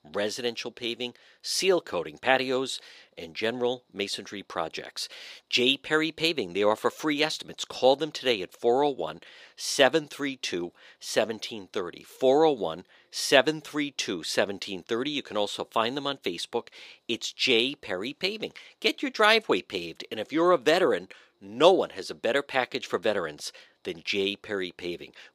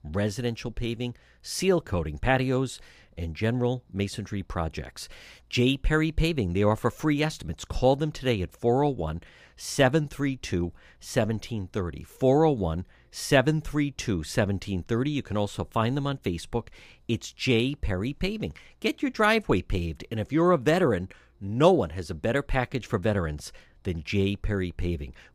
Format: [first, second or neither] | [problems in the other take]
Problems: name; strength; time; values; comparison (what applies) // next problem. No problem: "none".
second | thin; somewhat; fading below 400 Hz